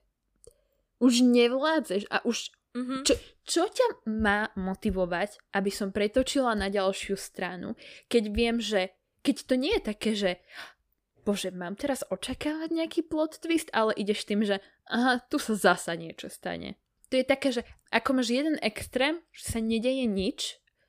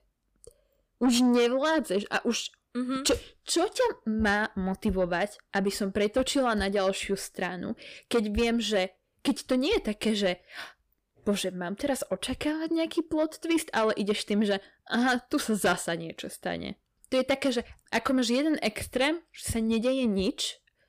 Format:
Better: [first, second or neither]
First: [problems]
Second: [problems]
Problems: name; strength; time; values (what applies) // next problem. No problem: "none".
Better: first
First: none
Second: distortion; slight; 10 dB below the speech